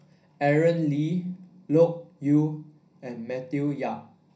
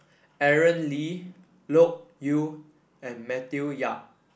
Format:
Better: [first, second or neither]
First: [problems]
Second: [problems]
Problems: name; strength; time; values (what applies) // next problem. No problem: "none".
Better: second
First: room echo; dies away in 0.4 s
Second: none